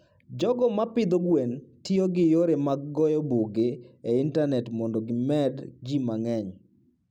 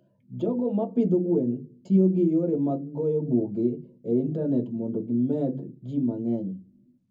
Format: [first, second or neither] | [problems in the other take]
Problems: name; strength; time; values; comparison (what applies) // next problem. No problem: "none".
first | room echo; dies away in 0.3 s